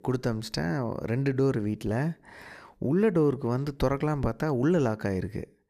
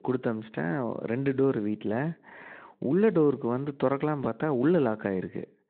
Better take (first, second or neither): first